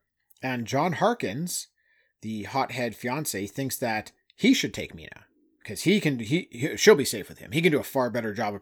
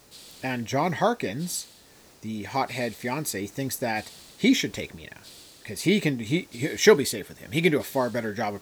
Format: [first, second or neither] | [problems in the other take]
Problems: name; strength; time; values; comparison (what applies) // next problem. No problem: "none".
first | hiss; faint; throughout; 25 dB below the speech